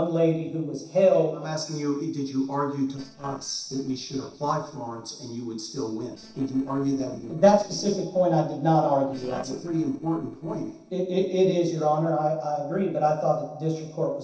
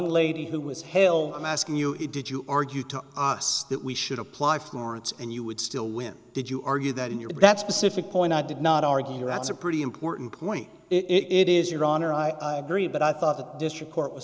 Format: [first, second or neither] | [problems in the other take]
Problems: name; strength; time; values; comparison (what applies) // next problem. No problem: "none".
second | noise reduction (neural separator model SepFormer DNS4)